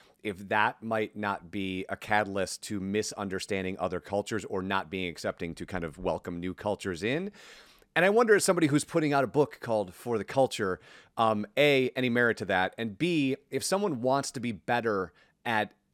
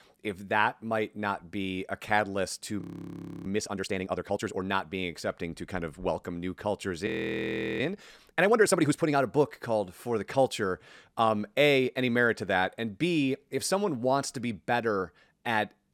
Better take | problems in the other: first | audio freezing; at 3 s for 0.5 s and at 7 s for 0.5 s

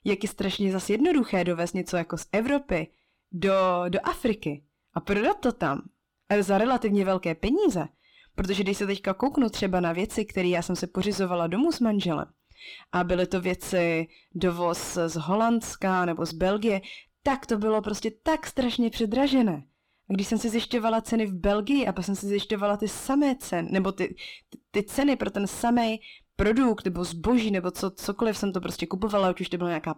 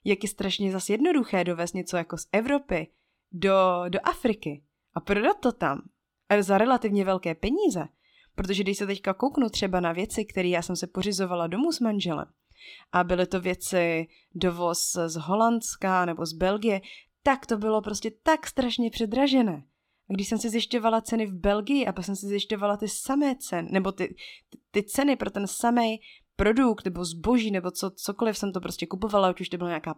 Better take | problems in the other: second | distortion; slight; 10 dB below the speech

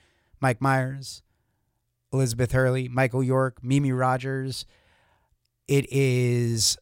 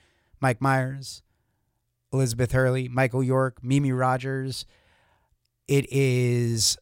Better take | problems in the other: neither | none

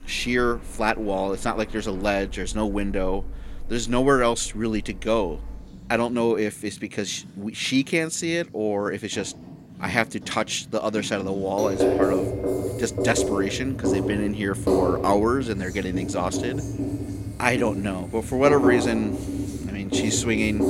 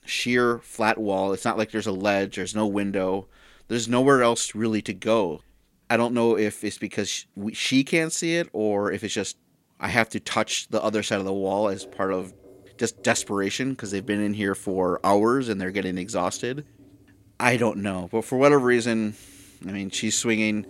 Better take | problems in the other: second | household noises; loud; throughout; 3 dB below the speech; faint in the second

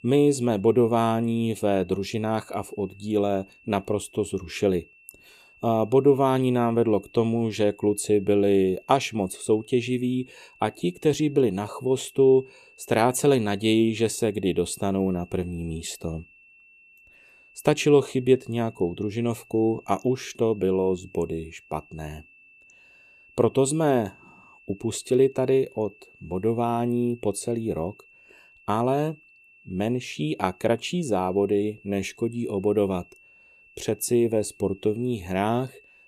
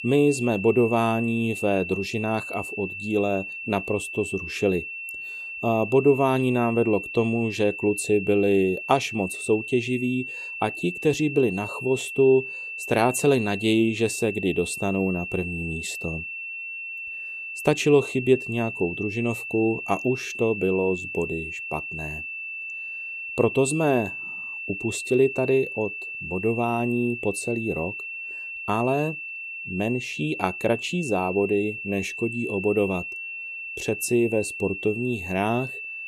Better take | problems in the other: first | high-pitched whine; loud; throughout; 2.5 kHz, 7 dB below the speech; faint in the first

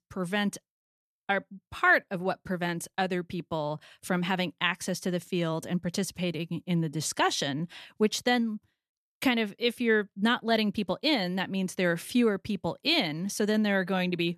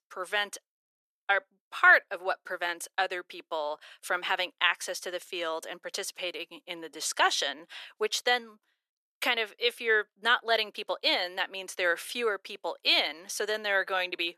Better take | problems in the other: first | thin; very; fading below 450 Hz

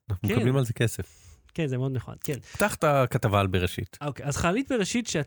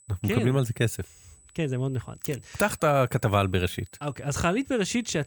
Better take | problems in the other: first | high-pitched whine; faint; throughout; 8 kHz, 30 dB below the speech

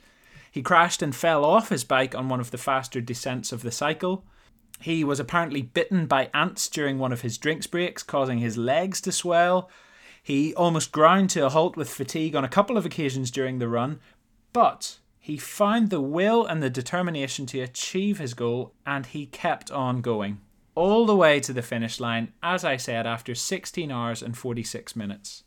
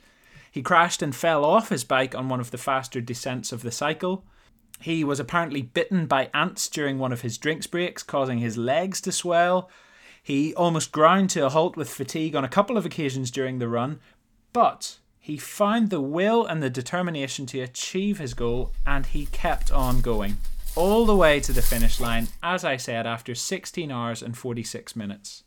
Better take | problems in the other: first | dog barking; noticeable; from 18 to 22 s; peak 2 dB below the speech

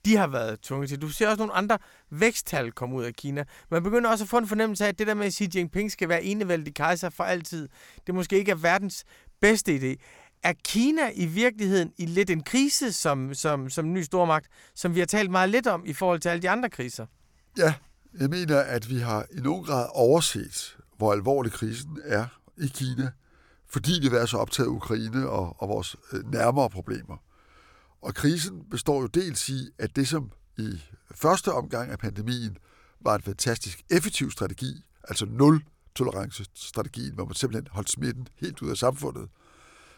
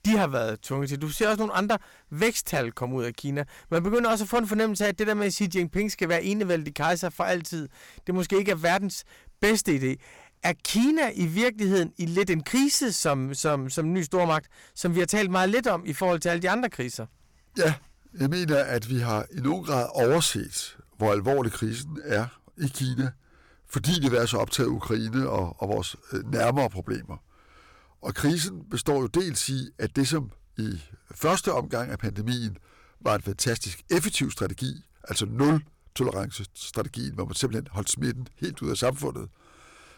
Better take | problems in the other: first | distortion; slight; 4% of the sound clipped

